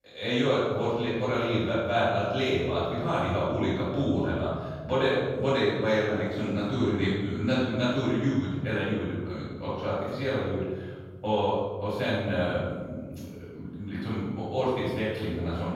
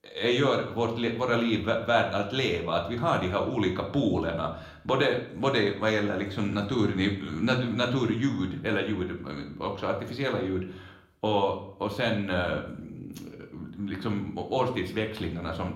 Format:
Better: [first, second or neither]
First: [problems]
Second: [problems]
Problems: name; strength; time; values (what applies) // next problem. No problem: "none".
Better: second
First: room echo; strong; dies away in 1.7 s // off-mic speech; far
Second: room echo; slight; dies away in 0.5 s